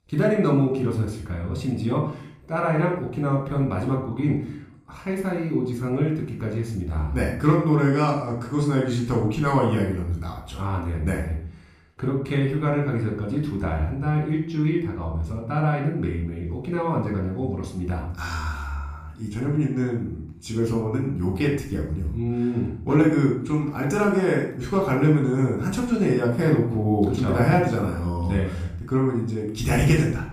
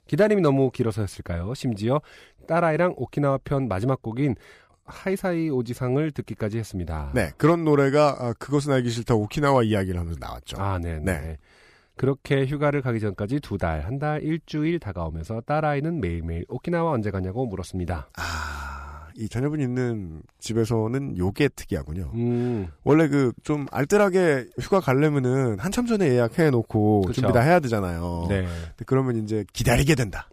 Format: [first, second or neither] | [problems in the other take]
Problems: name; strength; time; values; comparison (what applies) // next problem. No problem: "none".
second | off-mic speech; somewhat distant // room echo; noticeable; dies away in 0.5 s